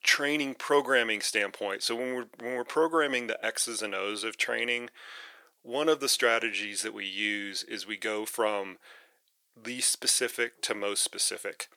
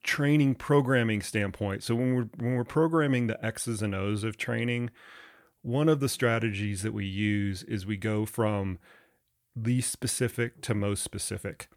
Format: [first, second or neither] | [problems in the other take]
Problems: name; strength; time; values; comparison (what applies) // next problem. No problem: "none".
second | thin; very; fading below 400 Hz